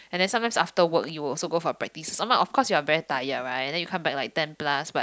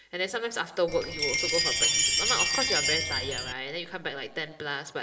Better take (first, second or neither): first